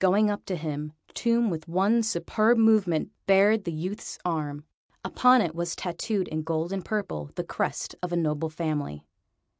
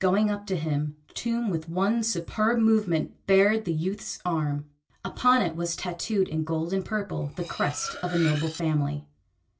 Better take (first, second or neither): first